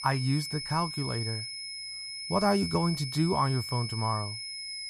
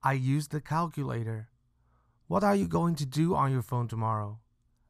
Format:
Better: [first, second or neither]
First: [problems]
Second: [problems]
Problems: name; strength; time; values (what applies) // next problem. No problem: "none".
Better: second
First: high-pitched whine; loud; throughout; 5 kHz, 6 dB below the speech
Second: none